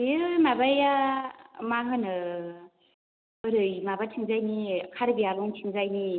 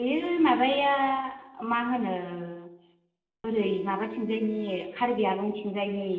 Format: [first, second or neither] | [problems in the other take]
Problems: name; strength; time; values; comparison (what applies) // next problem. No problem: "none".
first | noise reduction (neural separator model SepFormer DNS4)